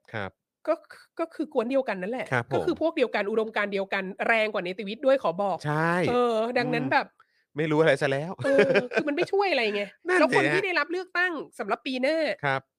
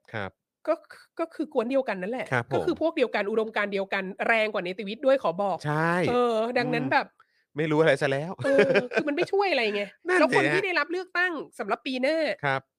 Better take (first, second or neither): neither